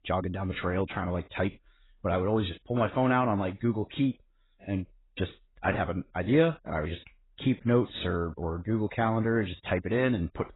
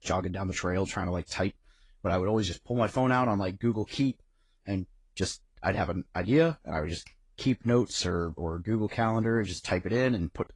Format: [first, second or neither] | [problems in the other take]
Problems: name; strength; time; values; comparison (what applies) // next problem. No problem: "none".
second | garbled, watery; badly; nothing above 4 kHz; slightly in the second